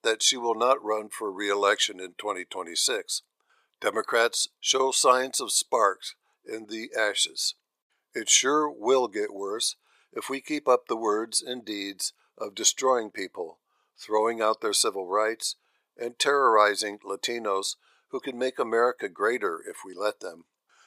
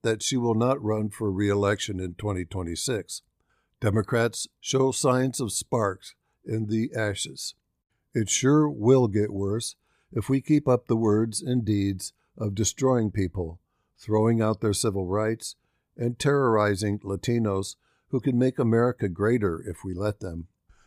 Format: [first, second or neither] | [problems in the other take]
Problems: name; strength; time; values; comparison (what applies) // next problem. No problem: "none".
second | thin; very; fading below 500 Hz